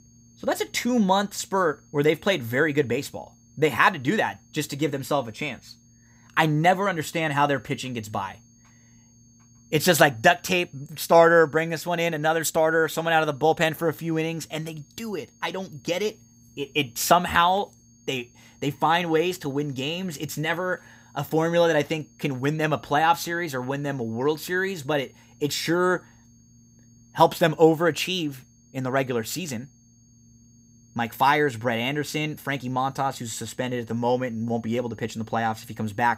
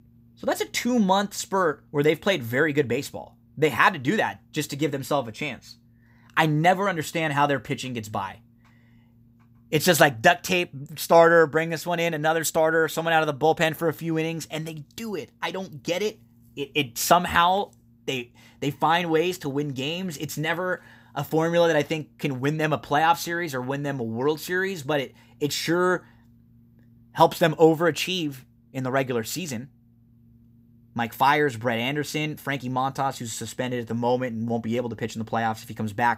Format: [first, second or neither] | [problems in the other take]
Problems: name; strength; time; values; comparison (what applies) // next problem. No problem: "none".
second | high-pitched whine; faint; throughout; 6.5 kHz, 35 dB below the speech